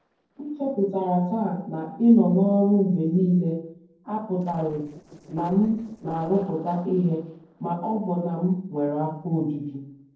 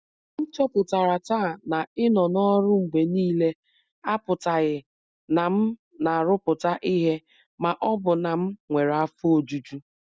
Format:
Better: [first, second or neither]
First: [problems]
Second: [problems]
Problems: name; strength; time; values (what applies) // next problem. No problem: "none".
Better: second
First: noise reduction (neural separator model SepFormer DNS4)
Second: none